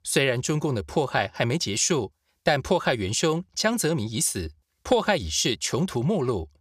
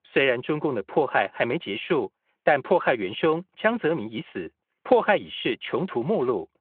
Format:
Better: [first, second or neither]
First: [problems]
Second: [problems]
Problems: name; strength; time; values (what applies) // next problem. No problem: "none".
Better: first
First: none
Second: phone-call audio